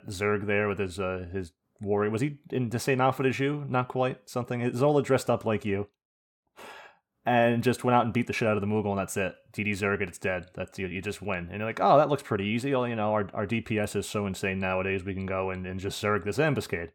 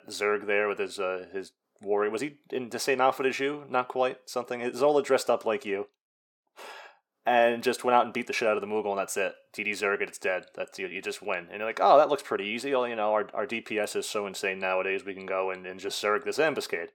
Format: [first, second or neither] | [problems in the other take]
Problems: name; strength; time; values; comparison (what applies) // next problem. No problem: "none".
first | thin; somewhat; fading below 450 Hz